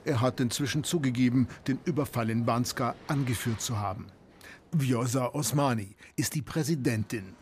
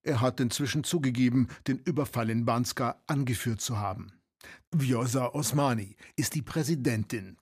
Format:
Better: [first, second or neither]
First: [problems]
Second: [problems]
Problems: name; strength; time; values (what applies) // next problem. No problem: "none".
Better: second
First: train or aircraft noise; faint; throughout; 25 dB below the speech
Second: none